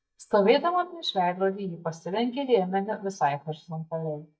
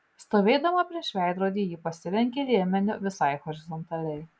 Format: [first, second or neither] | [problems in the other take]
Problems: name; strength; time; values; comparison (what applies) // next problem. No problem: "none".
second | noise reduction (neural mask model DeepFilterNet 3)